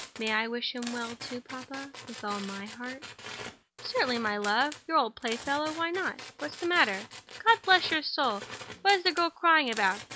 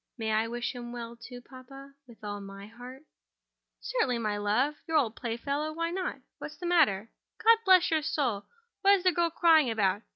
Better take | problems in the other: second | background sound (Tools); 14 dB below the speech

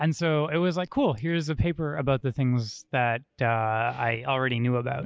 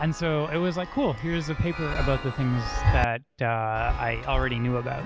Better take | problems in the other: first | background sound (Chime); 4 dB below the speech

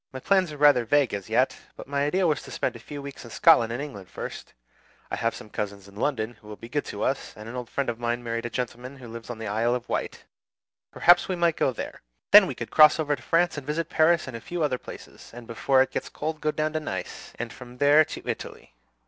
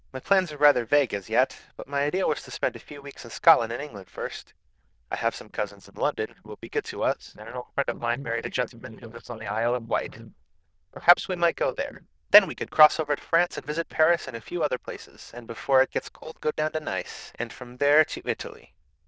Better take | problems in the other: first | noise reduction (neural diffusion model UNIVERSE++)

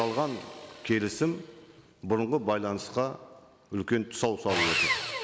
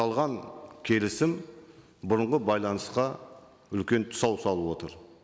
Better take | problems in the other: second | background sound (Sawing); 6 dB below the speech

